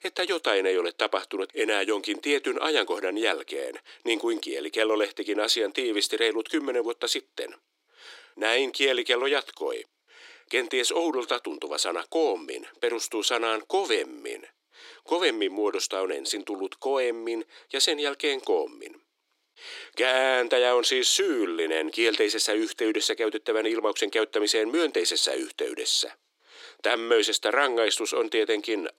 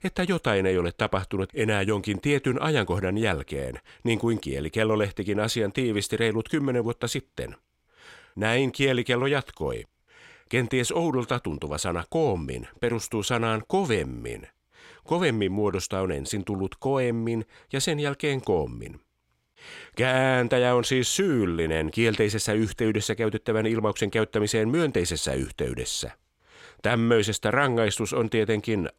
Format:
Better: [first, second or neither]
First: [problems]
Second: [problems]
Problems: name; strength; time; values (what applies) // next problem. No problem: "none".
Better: second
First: thin; very; fading below 300 Hz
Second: none